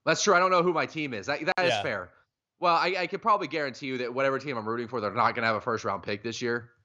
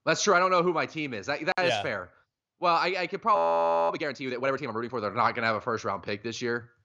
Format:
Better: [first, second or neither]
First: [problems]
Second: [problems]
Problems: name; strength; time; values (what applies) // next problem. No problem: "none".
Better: first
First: none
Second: audio freezing; at 3.5 s for 0.5 s